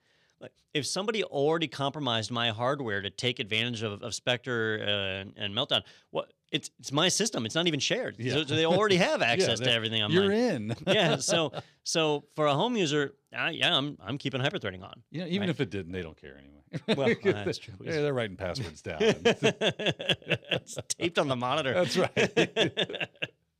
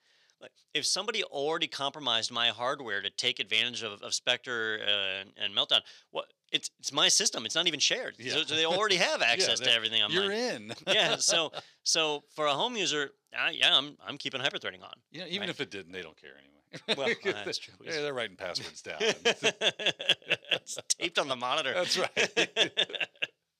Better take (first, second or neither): first